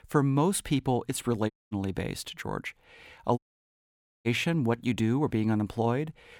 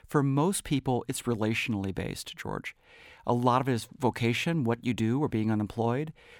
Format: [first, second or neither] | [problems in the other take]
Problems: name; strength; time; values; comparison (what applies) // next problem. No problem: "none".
second | audio cutting out; at 1.5 s and at 3.5 s for 1 s